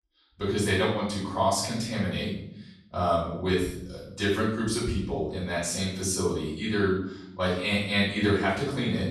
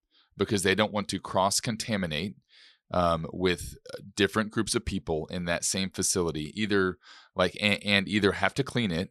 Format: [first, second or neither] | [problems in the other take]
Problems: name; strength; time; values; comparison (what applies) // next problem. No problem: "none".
second | off-mic speech; far // room echo; noticeable; dies away in 0.8 s